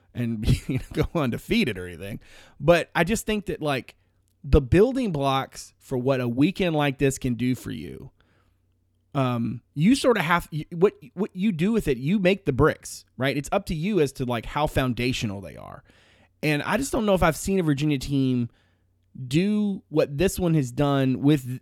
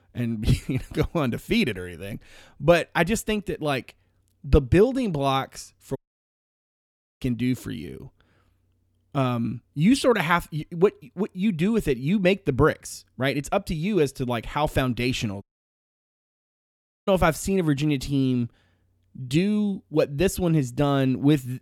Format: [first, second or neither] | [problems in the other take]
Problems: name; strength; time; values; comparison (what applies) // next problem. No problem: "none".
first | audio cutting out; at 6 s for 1.5 s and at 15 s for 1.5 s